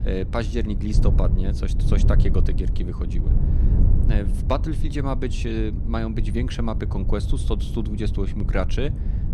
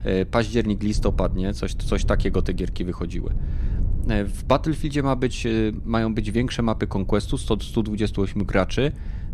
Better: second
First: wind noise on the microphone; heavy; 8 dB below the speech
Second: wind noise on the microphone; occasional gusts; 20 dB below the speech

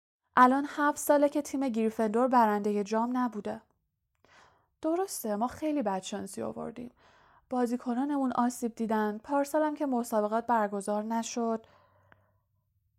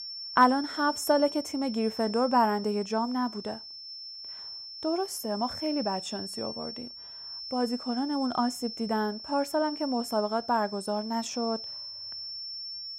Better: first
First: none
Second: high-pitched whine; loud; throughout; 5.5 kHz, 9 dB below the speech

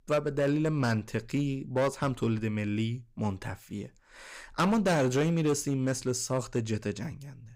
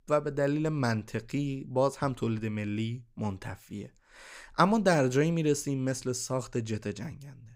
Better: second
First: distortion; slight; 6% of the sound clipped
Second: none

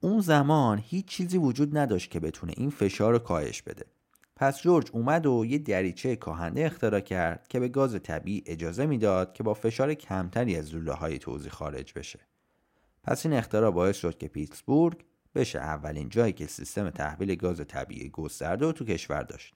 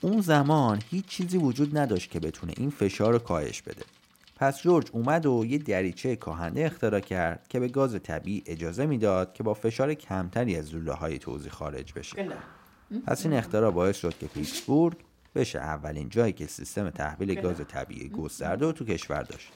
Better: first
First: none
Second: traffic noise; noticeable; throughout; 15 dB below the speech

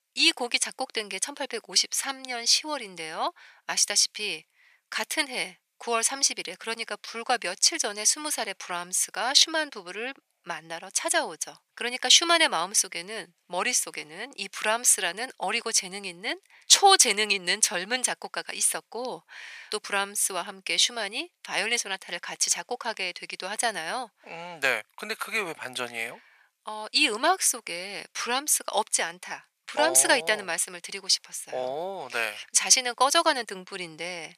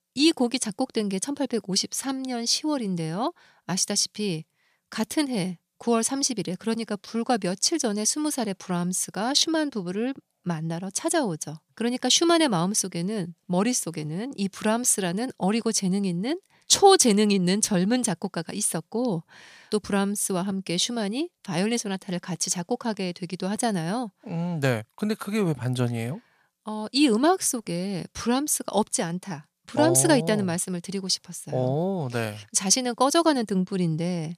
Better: second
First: thin; very; fading below 700 Hz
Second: none

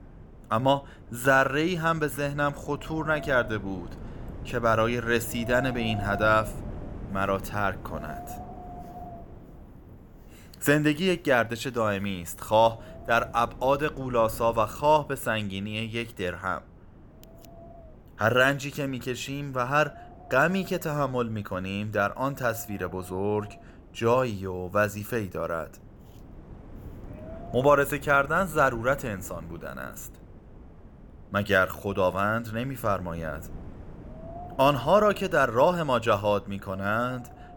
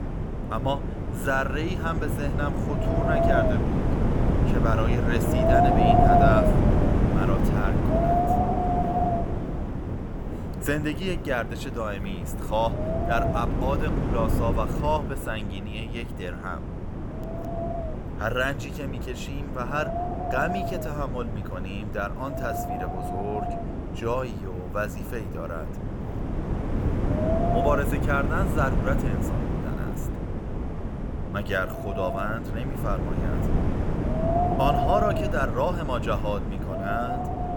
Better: first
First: wind noise on the microphone; occasional gusts; 20 dB below the speech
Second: wind noise on the microphone; heavy; 1 dB above the speech

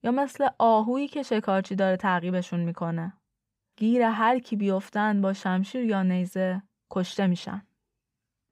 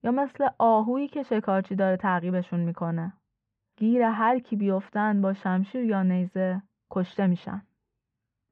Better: first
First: none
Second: muffled; very; fading above 2 kHz

